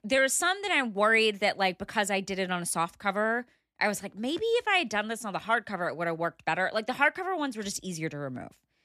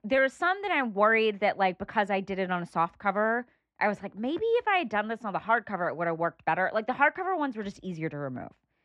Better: first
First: none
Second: muffled; very; fading above 2 kHz

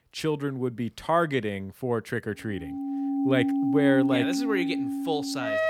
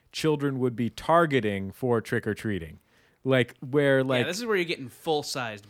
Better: second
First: background music; very loud; from 3 s on; 2 dB above the speech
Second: none

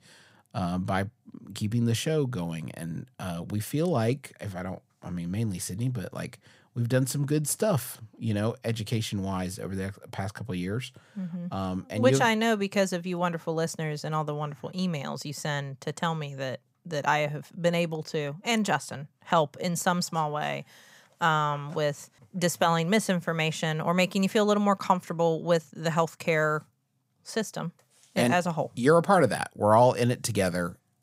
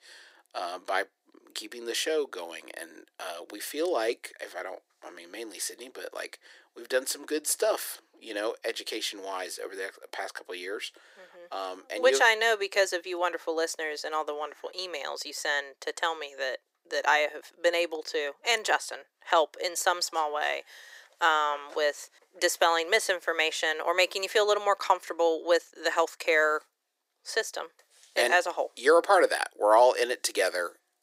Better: first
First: none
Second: thin; very; fading below 350 Hz

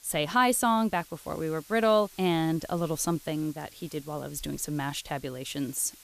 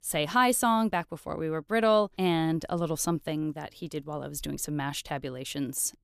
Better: second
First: hiss; faint; throughout; 20 dB below the speech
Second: none

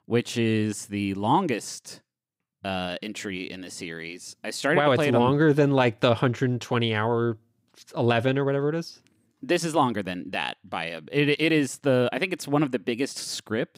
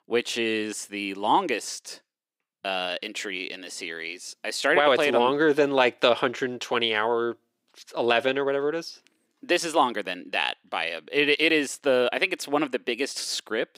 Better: first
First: none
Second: thin; somewhat; fading below 400 Hz

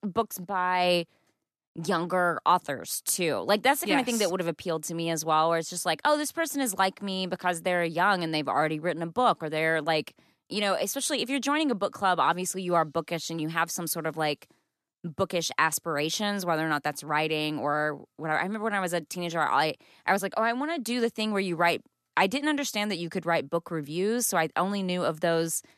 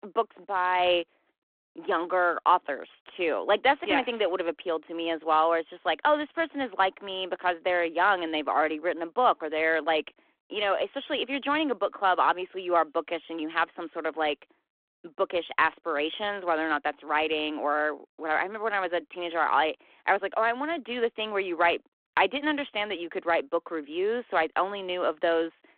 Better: first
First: none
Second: phone-call audio

